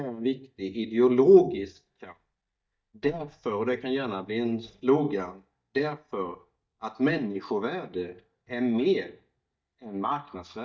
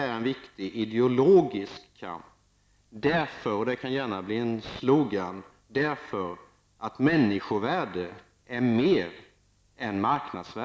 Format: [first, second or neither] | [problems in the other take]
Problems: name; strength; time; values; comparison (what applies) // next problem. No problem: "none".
second | noise reduction (neural mask model DeepFilterNet 3)